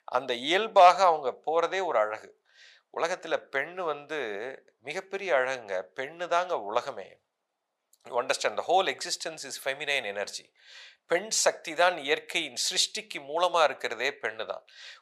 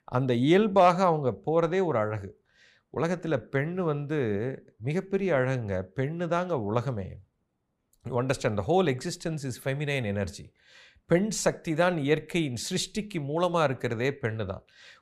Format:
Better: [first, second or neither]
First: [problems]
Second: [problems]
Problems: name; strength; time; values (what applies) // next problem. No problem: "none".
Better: second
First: thin; very; fading below 650 Hz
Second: none